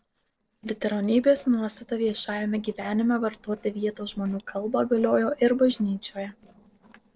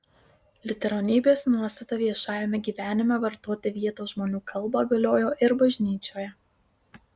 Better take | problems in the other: second | noise reduction (neural separator model SepFormer DNS4)

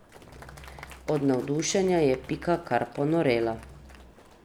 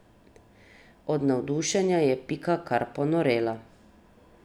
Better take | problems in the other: second | background sound (Growling + Applause); 19 dB below the speech

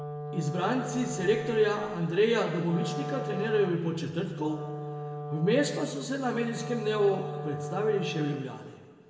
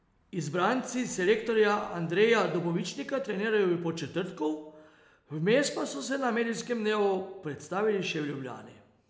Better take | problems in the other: second | background sound (Wind instrument, woodwind instrument); 8 dB below the speech // room echo; dies away in 1.8 s

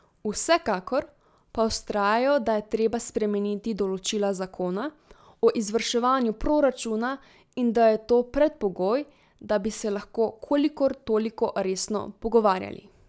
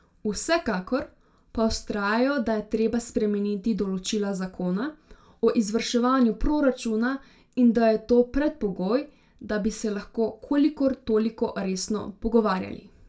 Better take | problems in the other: first | room echo; dies away in 0.2 s

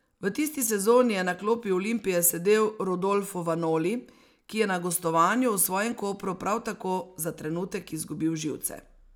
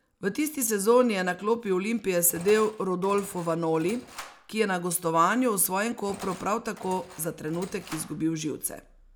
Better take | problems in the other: first | background sound (Engine); 19 dB below the speech

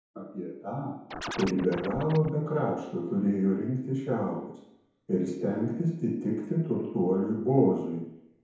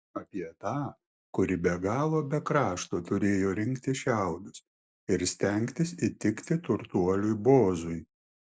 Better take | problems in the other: second | background sound (Scratching (performance technique)); 9 dB below the speech // room echo; dies away in 0.9 s

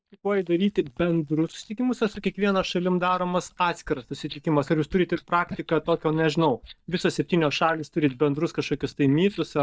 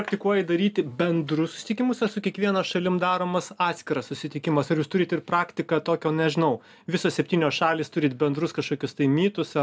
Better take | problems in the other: second | noise reduction (neural mask model DeepFilterNet 3)

